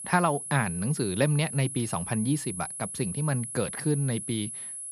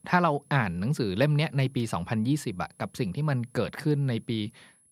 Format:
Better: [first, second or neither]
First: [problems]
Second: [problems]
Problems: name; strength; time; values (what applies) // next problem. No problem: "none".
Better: second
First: high-pitched whine; loud; throughout; 10.5 kHz, 6 dB below the speech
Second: high-pitched whine; faint; throughout; 10.5 kHz, 30 dB below the speech